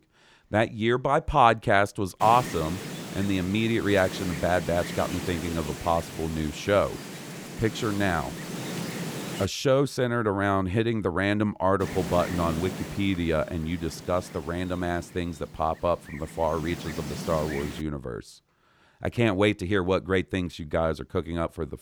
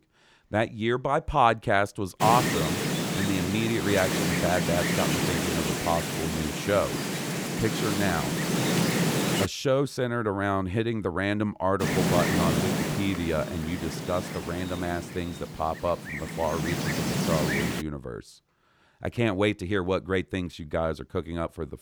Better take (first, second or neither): first